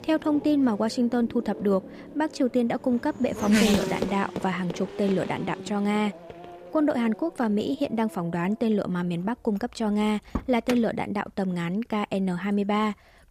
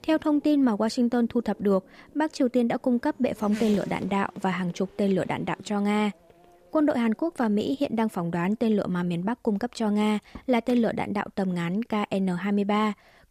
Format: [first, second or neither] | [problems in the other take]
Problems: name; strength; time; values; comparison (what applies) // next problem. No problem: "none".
second | traffic noise; loud; throughout; 7 dB below the speech; faint in the second